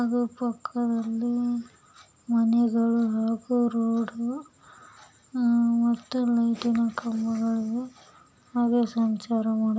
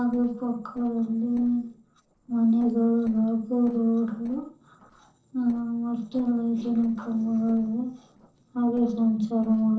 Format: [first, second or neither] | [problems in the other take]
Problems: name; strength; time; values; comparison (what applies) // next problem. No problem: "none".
first | noise reduction (neural separator model SepFormer DNS4)